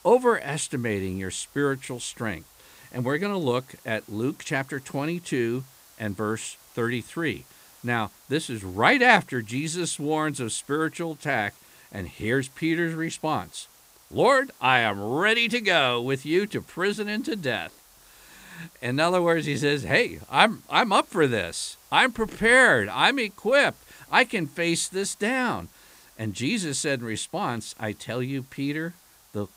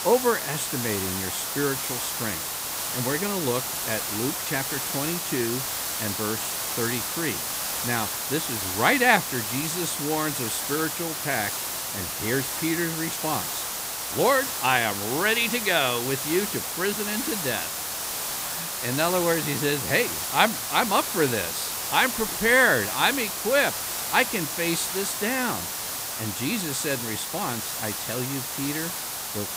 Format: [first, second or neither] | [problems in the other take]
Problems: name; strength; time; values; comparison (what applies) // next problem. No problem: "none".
first | hiss; loud; throughout; 2 dB below the speech; faint in the first